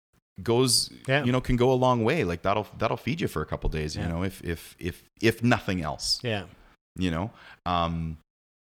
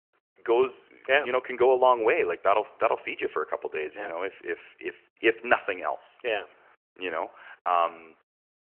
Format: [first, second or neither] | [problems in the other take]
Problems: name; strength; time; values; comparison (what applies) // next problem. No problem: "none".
first | phone-call audio; nothing above 3 kHz